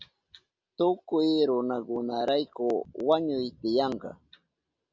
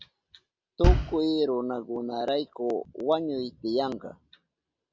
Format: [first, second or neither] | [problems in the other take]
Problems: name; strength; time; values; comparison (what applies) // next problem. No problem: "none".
first | background sound (Bass drum); 4 dB above the speech